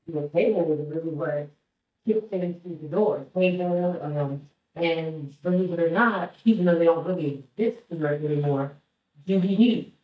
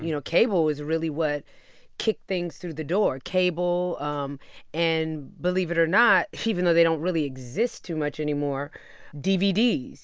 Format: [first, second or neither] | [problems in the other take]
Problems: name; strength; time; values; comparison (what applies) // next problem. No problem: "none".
second | noise reduction (neural mask model DeepFilterNet 3)